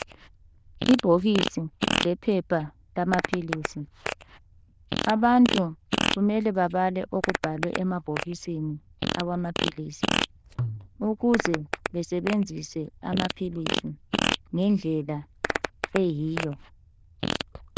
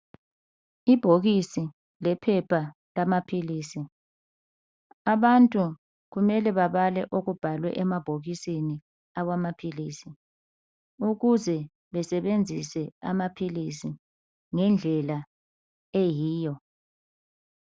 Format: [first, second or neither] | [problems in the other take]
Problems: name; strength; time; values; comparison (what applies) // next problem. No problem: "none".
second | noise reduction (neural diffusion model UNIVERSE++)